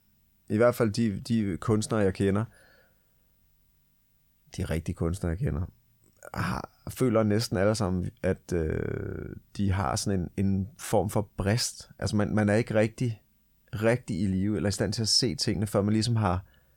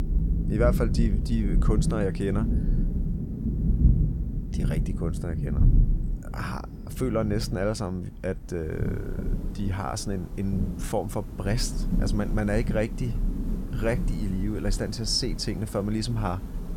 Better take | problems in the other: first | rain or running water; very loud; throughout; 1 dB above the speech

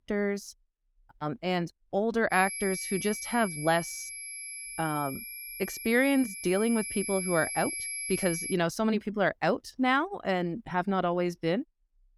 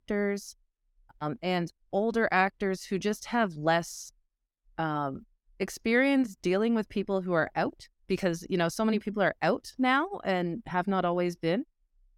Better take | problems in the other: second | high-pitched whine; loud; from 2.5 to 8.5 s; 11 kHz, 6 dB below the speech

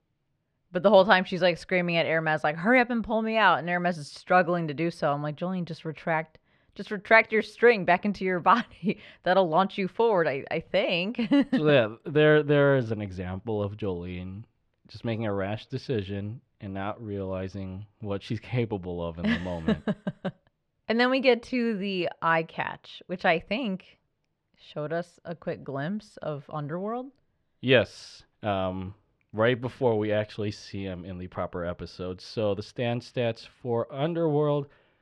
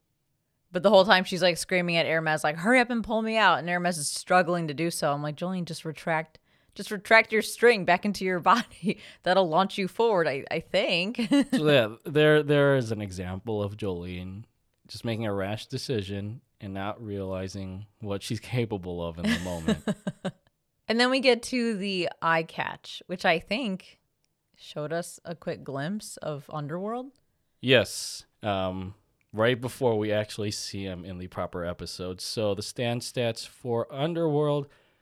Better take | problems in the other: second | muffled; slightly; fading above 3 kHz

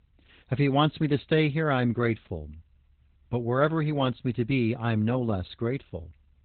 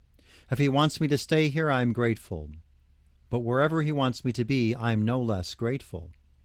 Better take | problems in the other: second | garbled, watery; badly; nothing above 4 kHz; slightly in the second

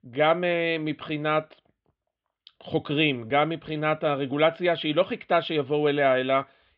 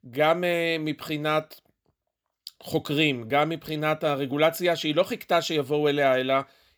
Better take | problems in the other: second | muffled; very; fading above 3.5 kHz

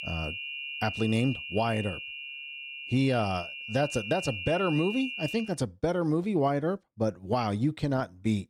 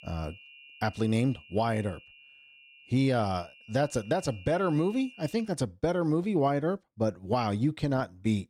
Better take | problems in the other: second | high-pitched whine; loud; until 5.5 s; 2.5 kHz, 7 dB below the speech; faint in the second

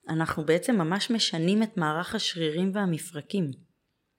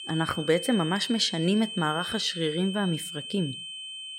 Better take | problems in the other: first | high-pitched whine; loud; throughout; 3 kHz, 8 dB below the speech

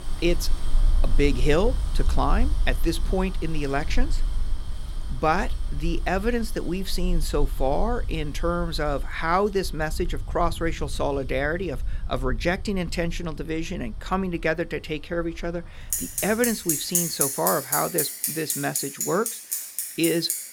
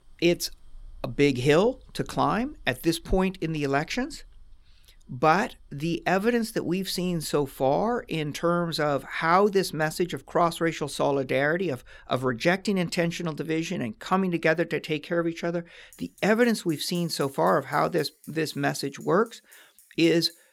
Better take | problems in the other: second | traffic noise; loud; throughout; 2 dB below the speech; faint in the second

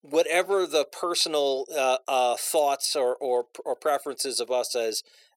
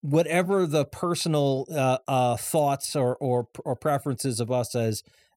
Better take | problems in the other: second | thin; very; fading below 400 Hz

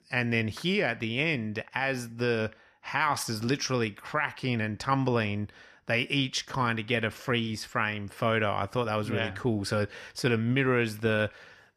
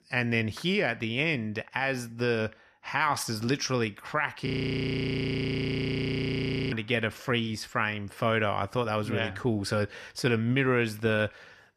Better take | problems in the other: first | audio freezing; at 4.5 s for 2.5 s

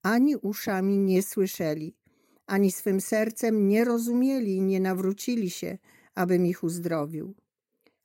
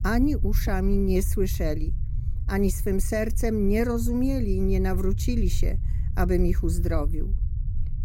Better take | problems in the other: first | low rumble; noticeable; throughout; 15 dB below the speech

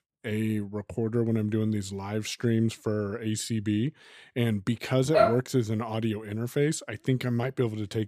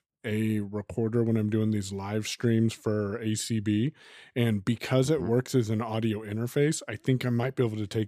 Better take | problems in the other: second | dog barking; loud; at 5 s; peak 5 dB above the speech

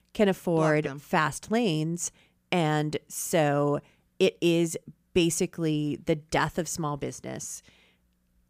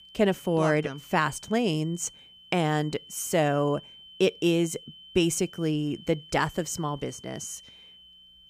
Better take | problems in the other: first | high-pitched whine; noticeable; throughout; 3 kHz, 20 dB below the speech

